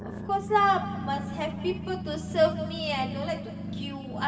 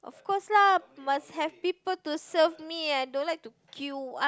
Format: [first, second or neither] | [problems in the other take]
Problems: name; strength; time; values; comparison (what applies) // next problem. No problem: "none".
second | background sound (Growling); 6 dB below the speech // room echo; dies away in 2.5 s